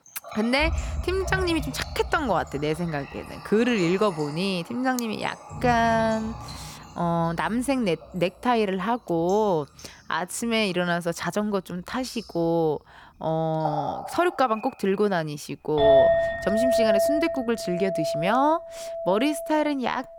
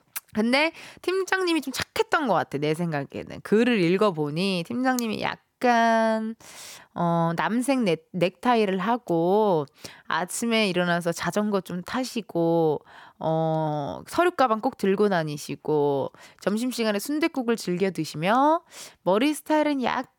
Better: second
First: household noises; loud; throughout; 2 dB below the speech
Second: none

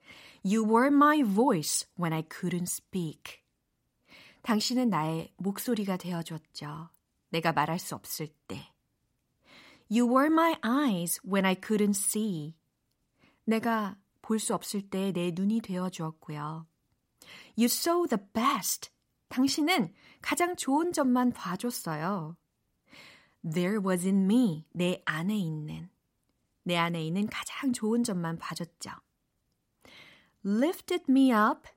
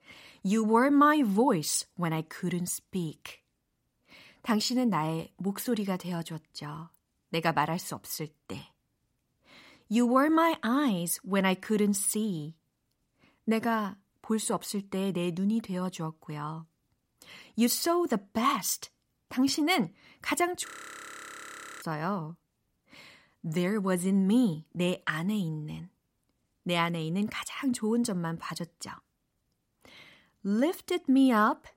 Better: first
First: none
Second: audio freezing; at 21 s for 1 s

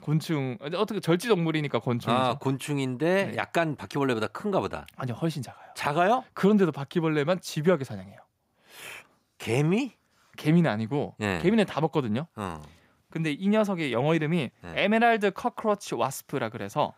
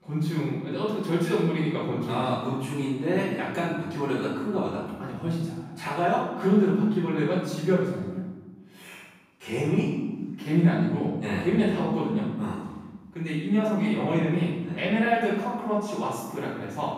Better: first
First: none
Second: off-mic speech; far // room echo; strong; dies away in 1.3 s

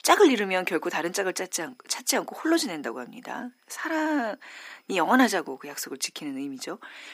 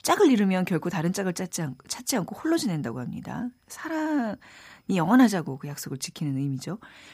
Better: second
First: thin; somewhat; fading below 300 Hz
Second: none

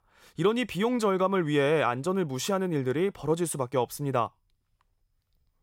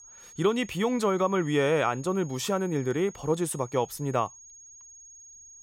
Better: first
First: none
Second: high-pitched whine; noticeable; throughout; 6.5 kHz, 20 dB below the speech

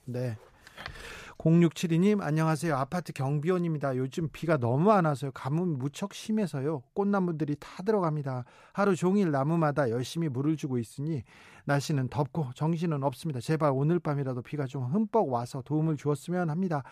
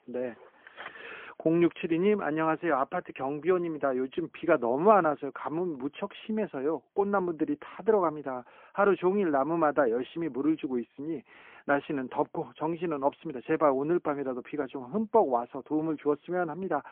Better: first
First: none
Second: phone-call audio; poor line; nothing above 3.5 kHz

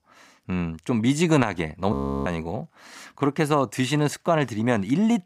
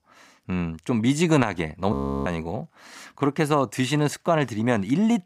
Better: neither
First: audio freezing; at 2 s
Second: audio freezing; at 2 s

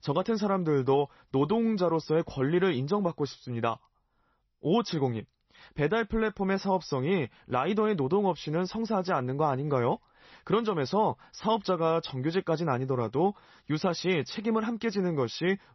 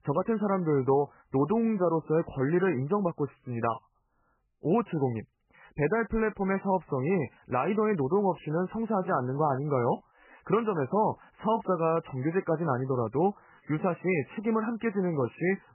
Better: first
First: garbled, watery; slightly; nothing above 6 kHz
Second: garbled, watery; badly; nothing above 2.5 kHz

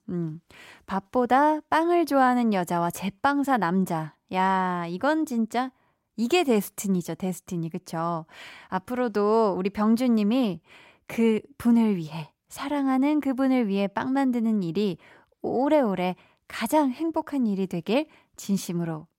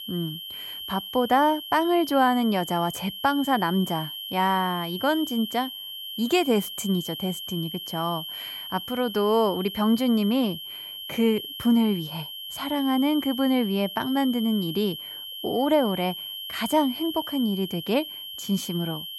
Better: first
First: none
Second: high-pitched whine; loud; throughout; 3 kHz, 9 dB below the speech

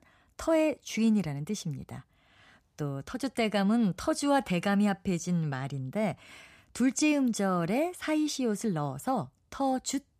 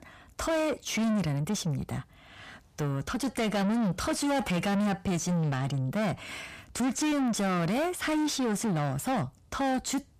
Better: first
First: none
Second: distortion; heavy; 6 dB below the speech

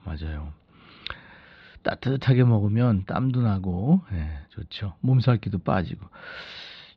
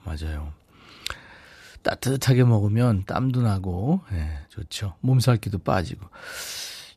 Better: second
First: muffled; slightly; fading above 4 kHz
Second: none

